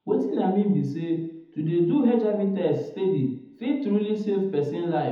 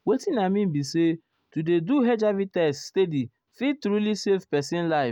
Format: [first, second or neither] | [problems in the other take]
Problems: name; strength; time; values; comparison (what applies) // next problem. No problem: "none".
second | room echo; dies away in 1 s